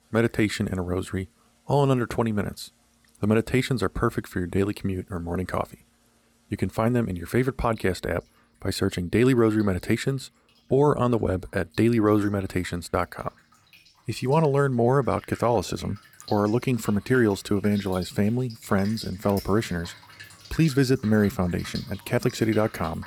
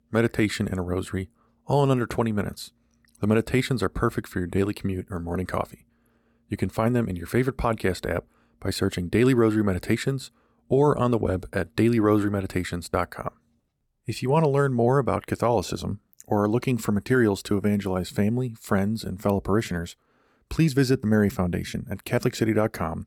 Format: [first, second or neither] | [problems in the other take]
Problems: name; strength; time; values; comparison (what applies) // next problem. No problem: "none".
second | rain or running water; faint; throughout; 20 dB below the speech